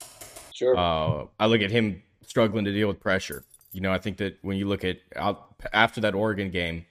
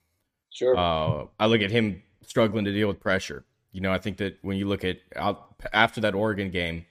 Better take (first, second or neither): second